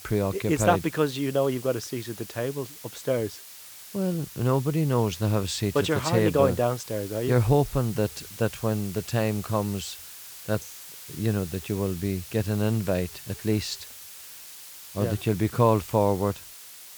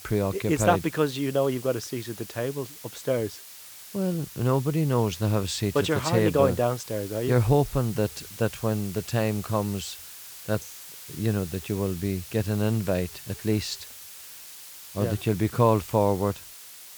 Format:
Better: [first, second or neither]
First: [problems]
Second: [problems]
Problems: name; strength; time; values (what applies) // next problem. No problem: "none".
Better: neither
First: hiss; noticeable; throughout; 15 dB below the speech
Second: hiss; noticeable; throughout; 15 dB below the speech